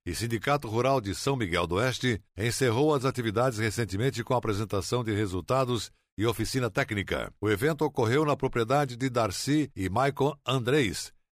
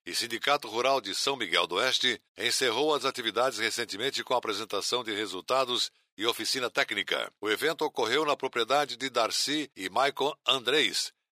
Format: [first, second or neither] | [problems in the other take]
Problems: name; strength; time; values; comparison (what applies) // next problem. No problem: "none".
first | thin; somewhat; fading below 450 Hz